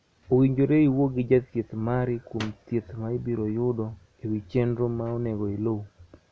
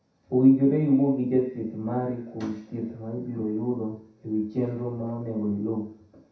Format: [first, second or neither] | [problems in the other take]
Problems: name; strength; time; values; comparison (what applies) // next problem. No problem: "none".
first | room echo; dies away in 0.7 s